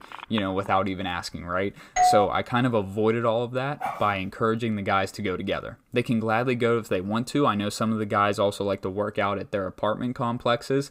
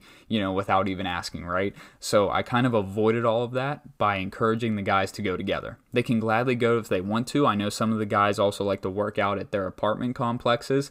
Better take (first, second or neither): second